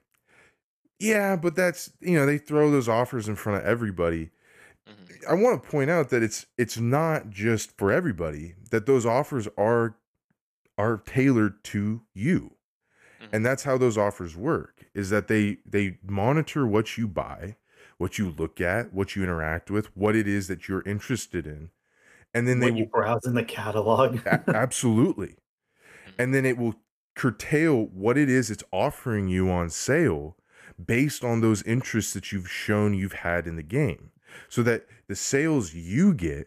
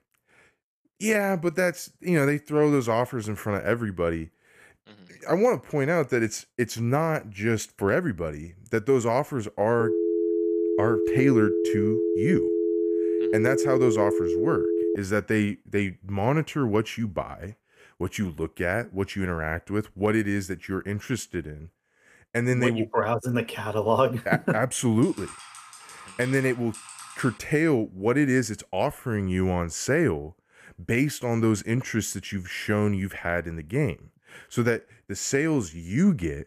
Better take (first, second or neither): first